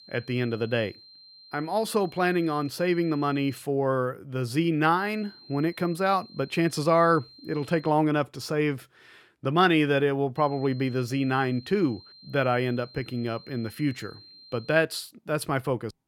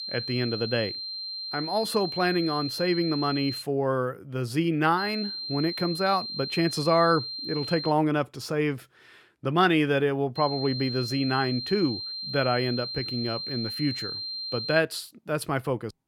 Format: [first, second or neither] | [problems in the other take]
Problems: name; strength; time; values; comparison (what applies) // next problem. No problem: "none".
first | high-pitched whine; loud; until 3.5 s, from 5 to 8 s and from 10 to 15 s; 4 kHz, 5 dB below the speech; faint in the first